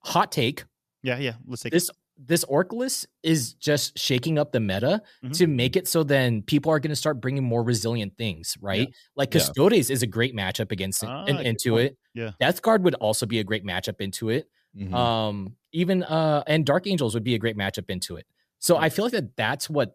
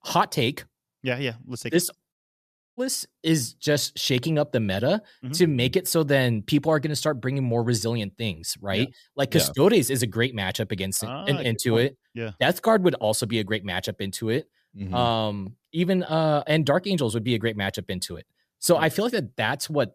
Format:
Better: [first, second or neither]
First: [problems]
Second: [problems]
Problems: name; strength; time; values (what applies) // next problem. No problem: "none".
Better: first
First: none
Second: audio cutting out; at 2 s for 0.5 s